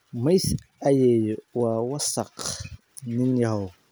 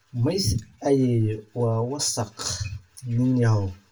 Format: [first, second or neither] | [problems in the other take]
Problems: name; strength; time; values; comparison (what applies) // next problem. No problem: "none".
first | room echo; dies away in 0.2 s